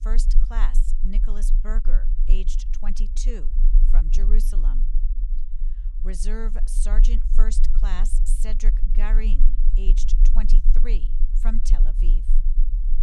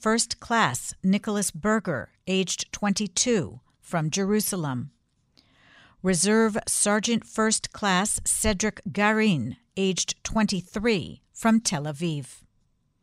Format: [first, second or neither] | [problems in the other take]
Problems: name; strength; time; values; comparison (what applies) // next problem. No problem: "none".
second | low rumble; noticeable; throughout; 10 dB below the speech